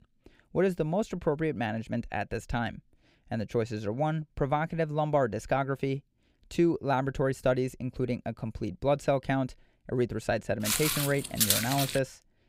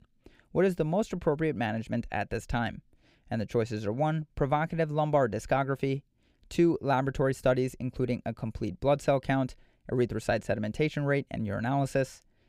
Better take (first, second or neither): second